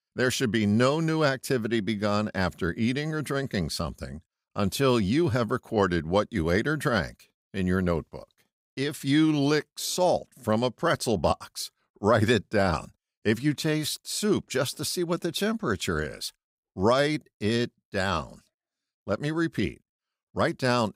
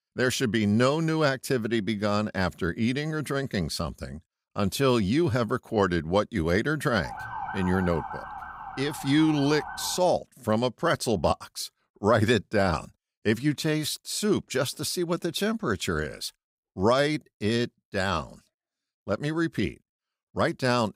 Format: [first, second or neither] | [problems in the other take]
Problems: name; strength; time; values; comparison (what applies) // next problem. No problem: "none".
first | siren; noticeable; from 7 to 10 s; peak 8 dB below the speech